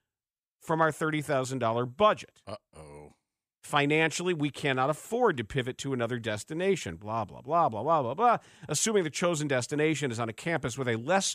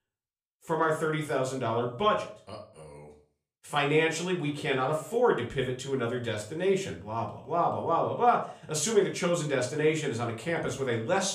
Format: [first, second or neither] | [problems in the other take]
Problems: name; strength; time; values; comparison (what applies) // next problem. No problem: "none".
first | room echo; slight; dies away in 0.4 s // off-mic speech; somewhat distant